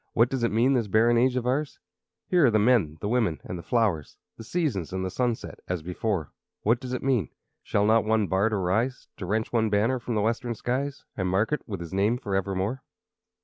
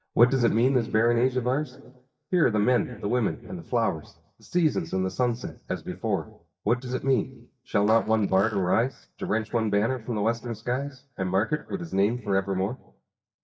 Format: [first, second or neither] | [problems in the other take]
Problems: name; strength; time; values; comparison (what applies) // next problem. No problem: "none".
first | noise reduction (neural mask model DeepFilterNet 3)